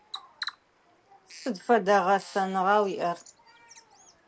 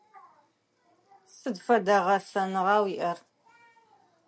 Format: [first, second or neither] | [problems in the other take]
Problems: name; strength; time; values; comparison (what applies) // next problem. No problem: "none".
second | background sound (Bird vocalization, bird call, bird song); 18 dB below the speech